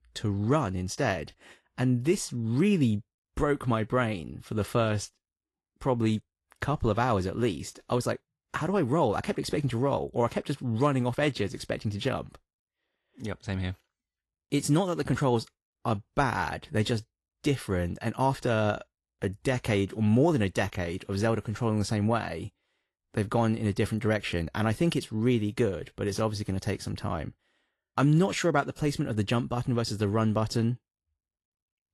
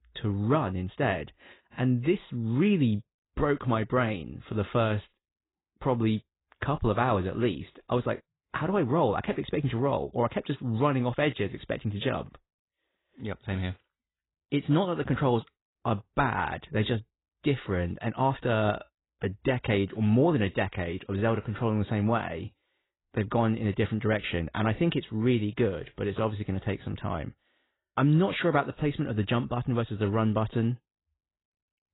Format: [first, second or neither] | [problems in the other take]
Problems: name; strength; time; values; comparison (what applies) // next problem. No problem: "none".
first | garbled, watery; badly; nothing above 4 kHz; slightly in the first